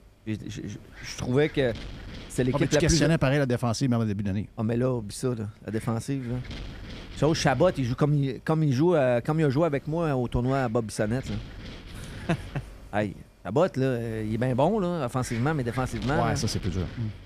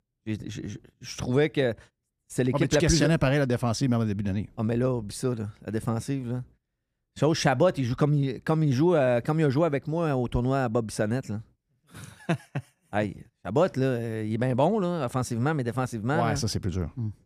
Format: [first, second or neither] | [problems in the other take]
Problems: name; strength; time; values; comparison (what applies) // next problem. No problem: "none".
second | wind noise on the microphone; occasional gusts; 15 dB below the speech